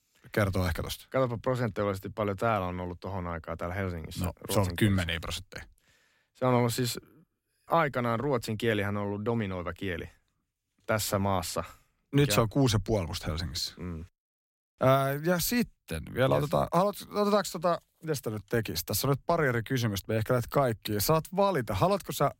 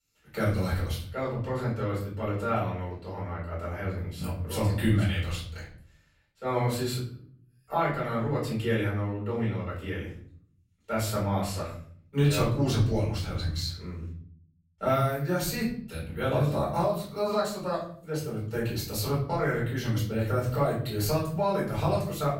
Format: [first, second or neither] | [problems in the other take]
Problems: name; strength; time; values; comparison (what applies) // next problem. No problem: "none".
first | off-mic speech; far // room echo; noticeable; dies away in 0.6 s